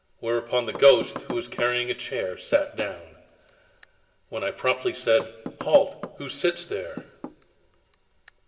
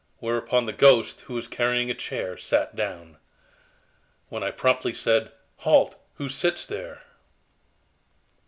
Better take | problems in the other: second | background sound (Knock / Wood); 15 dB below the speech // room echo; dies away in 1.6 s

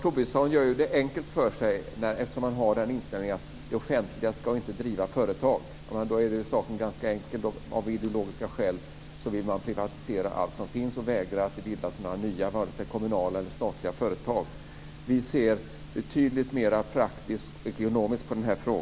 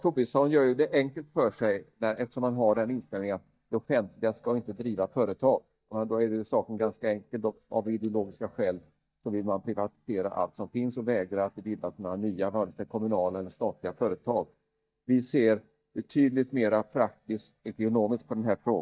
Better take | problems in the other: first | noise reduction (neural mask model DeepFilterNet 3)

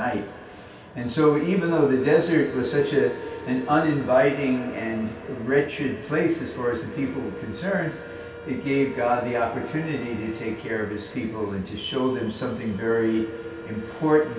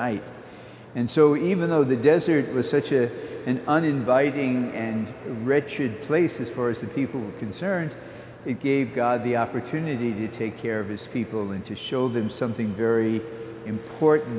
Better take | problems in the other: second | background sound (Wind instrument, woodwind instrument); 19 dB below the speech // room echo; dies away in 0.3 s

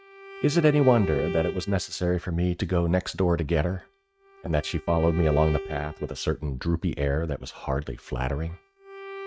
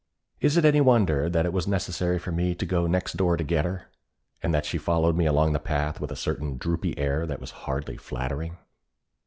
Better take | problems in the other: second | noise reduction (neural mask model RNNoise)

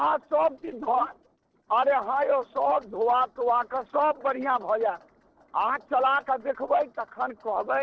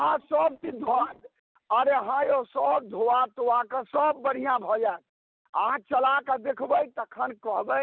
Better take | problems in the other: second | noise reduction (neural separator model SepFormer DNS4)

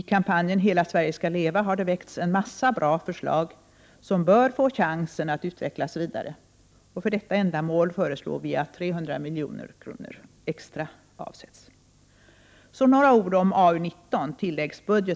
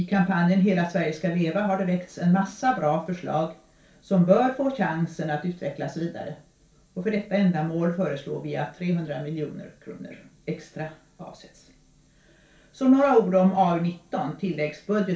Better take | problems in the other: first | room echo; dies away in 0.3 s

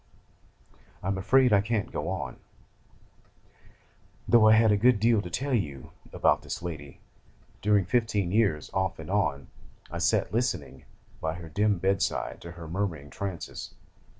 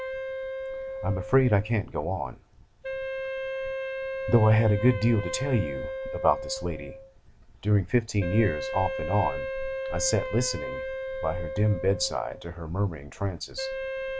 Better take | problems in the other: first | background sound (Wind instrument, woodwind instrument); 7 dB below the speech

